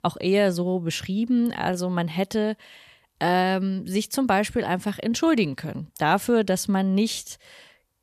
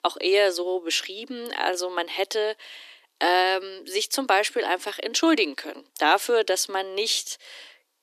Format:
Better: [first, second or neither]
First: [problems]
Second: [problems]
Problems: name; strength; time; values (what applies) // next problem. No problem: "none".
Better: first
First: none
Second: thin; very; fading below 300 Hz